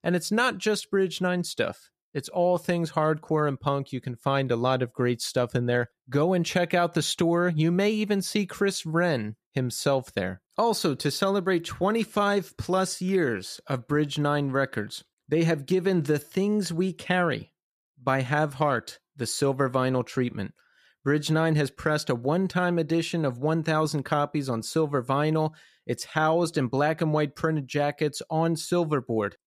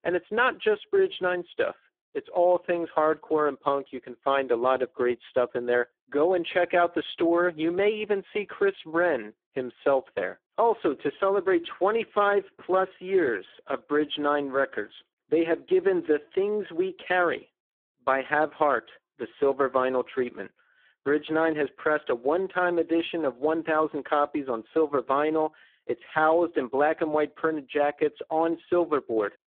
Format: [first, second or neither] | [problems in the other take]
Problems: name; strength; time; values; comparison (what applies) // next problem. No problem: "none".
first | phone-call audio; poor line